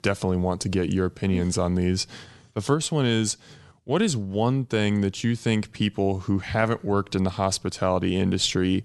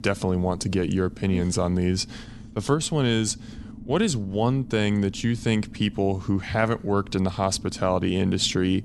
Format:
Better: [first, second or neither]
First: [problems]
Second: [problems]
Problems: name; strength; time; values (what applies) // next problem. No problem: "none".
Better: first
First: none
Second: low rumble; faint; throughout; 20 dB below the speech